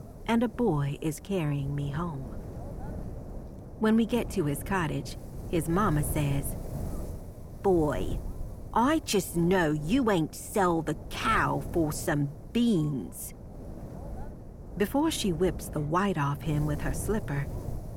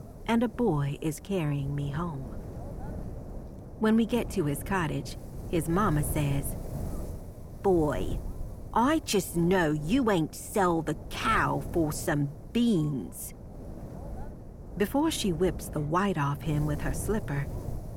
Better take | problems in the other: neither | wind noise on the microphone; occasional gusts; 15 dB below the speech; the same in both

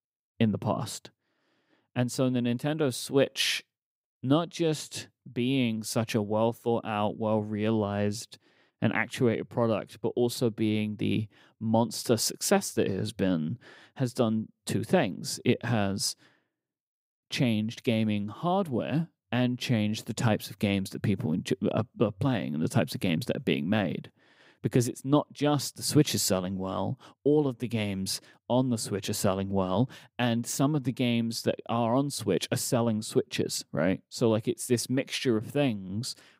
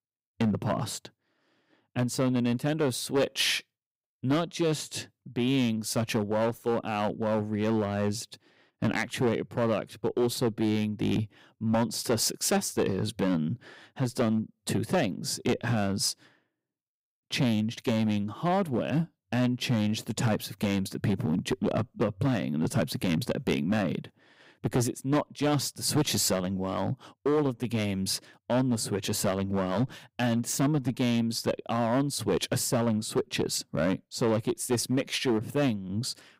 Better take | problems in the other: first | distortion; slight; 6% of the sound clipped

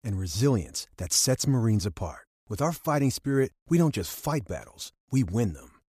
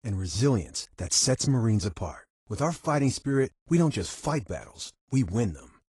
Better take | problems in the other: first | garbled, watery; slightly; nothing above 10.5 kHz

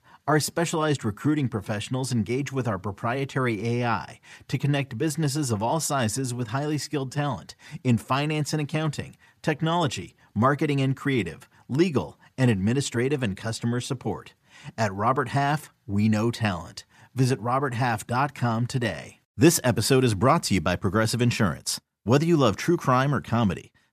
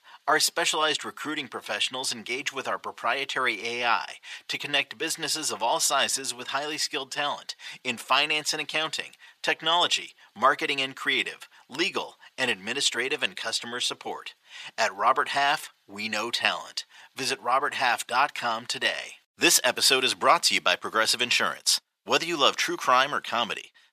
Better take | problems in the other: first | thin; very; fading below 650 Hz

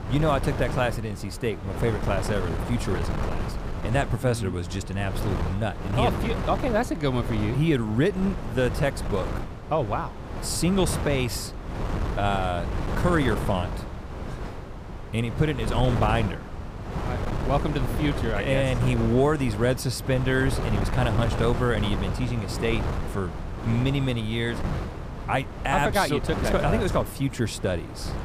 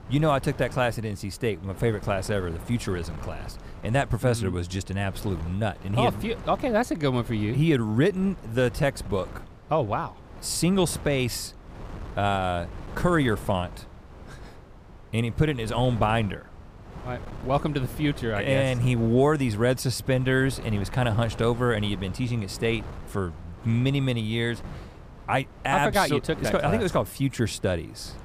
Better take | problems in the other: second | wind noise on the microphone; heavy; 8 dB below the speech; occasional gusts in the second

